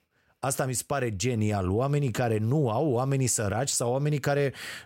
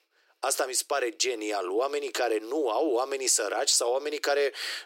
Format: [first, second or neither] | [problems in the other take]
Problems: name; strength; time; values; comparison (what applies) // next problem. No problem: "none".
first | thin; very; fading below 300 Hz